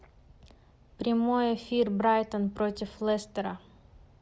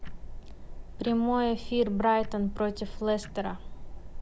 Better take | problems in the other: first | background sound (Tick-tock); 8 dB below the speech

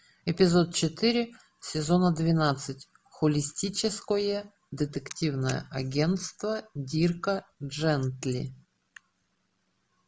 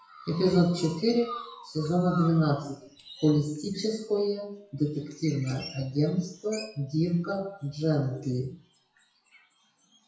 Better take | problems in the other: first | noise reduction (classical method WPE with log-MMSE)

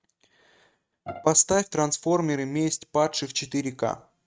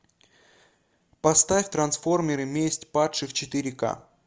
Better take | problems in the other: second | noise reduction (neural mask model RNNoise)

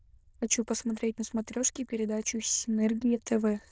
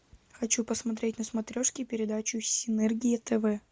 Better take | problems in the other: second | noise reduction (neural diffusion model UNIVERSE++)

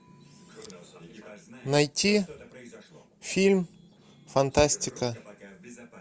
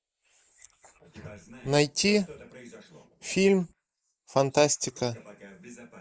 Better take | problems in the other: first | noise reduction (neural mask model Resemble Enhance denoiser)

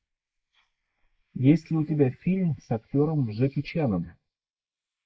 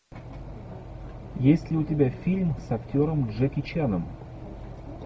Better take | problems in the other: second | noise reduction (neural mask model Resemble Enhance denoiser)

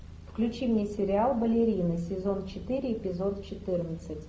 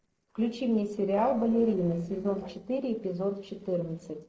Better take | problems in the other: first | noise reduction (neural separator model SepFormer DNS4)

